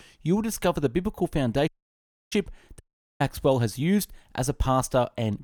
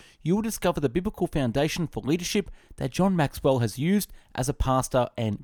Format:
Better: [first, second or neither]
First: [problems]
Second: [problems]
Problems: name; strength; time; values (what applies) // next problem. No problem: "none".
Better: second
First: audio cutting out; at 1.5 s for 0.5 s and at 3 s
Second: none